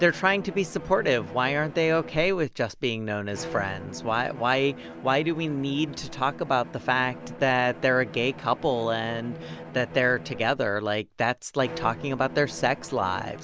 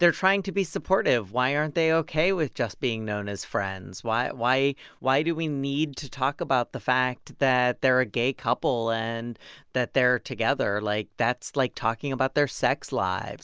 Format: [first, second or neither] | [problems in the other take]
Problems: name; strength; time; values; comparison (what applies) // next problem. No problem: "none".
second | background sound (Bowed string instrument); 15 dB below the speech